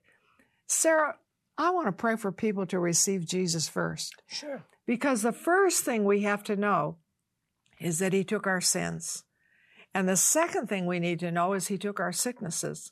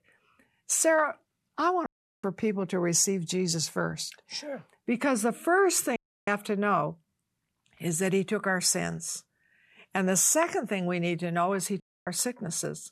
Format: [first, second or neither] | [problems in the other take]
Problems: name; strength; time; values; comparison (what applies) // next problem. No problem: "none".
first | audio cutting out; at 2 s, at 6 s and at 12 s